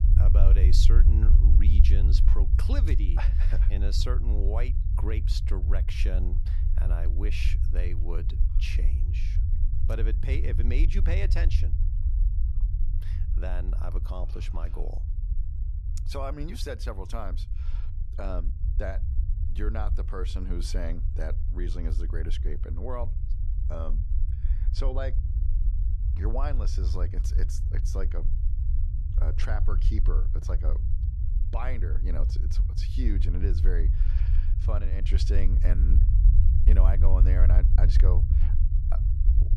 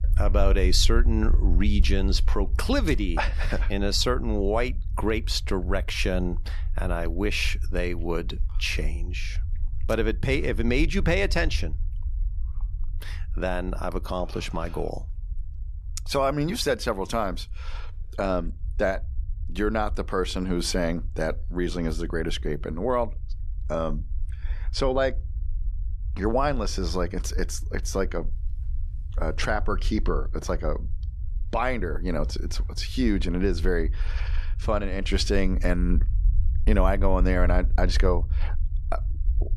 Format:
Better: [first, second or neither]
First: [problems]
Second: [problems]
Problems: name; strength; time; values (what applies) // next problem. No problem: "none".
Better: second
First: low rumble; loud; throughout; 6 dB below the speech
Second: low rumble; faint; throughout; 25 dB below the speech